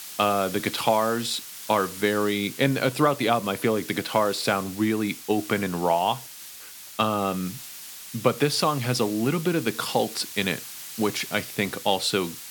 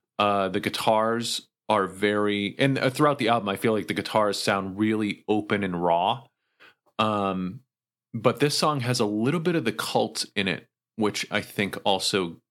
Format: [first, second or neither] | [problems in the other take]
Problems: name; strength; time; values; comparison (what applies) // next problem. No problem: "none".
second | hiss; noticeable; throughout; 10 dB below the speech